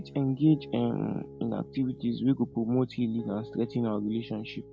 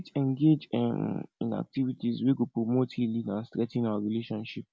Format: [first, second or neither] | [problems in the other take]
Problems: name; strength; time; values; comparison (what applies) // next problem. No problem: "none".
second | background sound (Piano); 17 dB below the speech